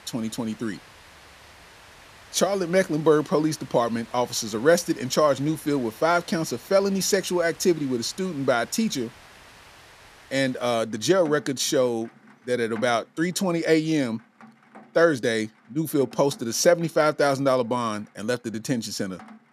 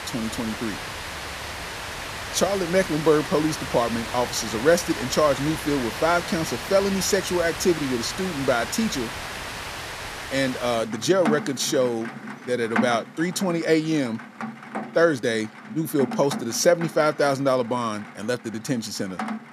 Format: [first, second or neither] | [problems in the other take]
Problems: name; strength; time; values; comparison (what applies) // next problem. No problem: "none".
first | rain or running water; loud; throughout; 8 dB below the speech; faint in the first